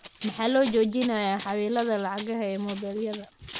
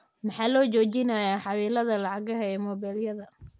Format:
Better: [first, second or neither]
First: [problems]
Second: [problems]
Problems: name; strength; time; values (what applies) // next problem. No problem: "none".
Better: second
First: background sound (Run); 17 dB below the speech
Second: none